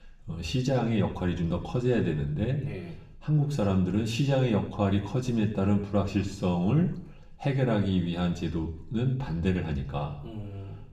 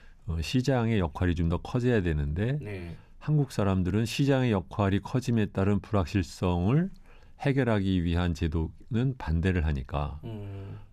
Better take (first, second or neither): second